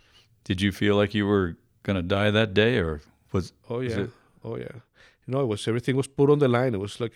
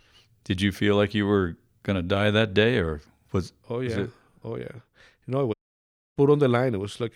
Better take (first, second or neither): first